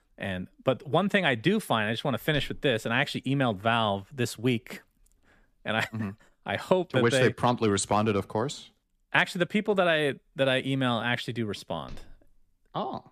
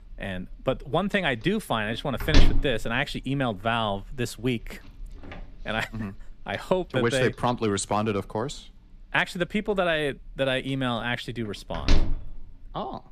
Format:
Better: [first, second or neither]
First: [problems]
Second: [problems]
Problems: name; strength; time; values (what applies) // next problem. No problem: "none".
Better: first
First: household noises; faint; throughout; 30 dB below the speech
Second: household noises; loud; throughout; 2 dB below the speech